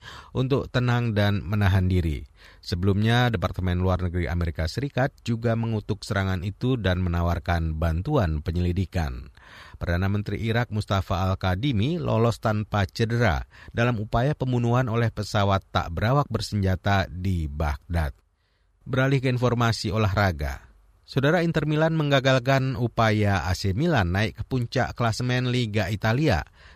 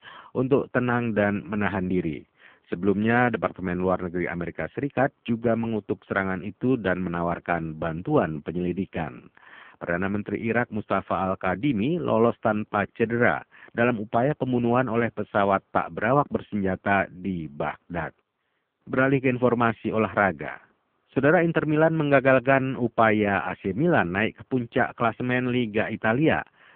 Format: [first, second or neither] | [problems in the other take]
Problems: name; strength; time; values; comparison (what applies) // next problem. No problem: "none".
first | phone-call audio; poor line